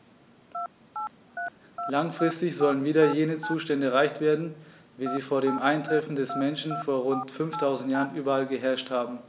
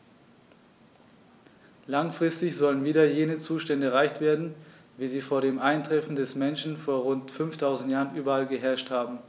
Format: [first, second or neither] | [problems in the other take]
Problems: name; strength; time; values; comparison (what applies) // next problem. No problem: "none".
second | background sound (Telephone); 9 dB below the speech